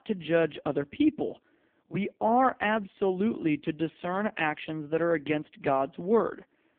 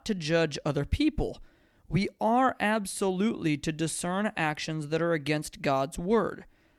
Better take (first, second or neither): second